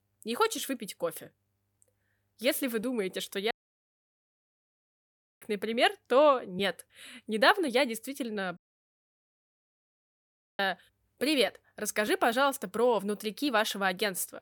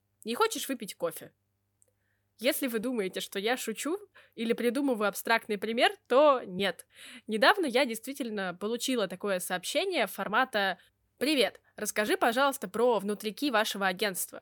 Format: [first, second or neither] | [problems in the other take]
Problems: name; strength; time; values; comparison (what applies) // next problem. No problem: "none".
second | audio cutting out; at 3.5 s for 2 s and at 8.5 s for 2 s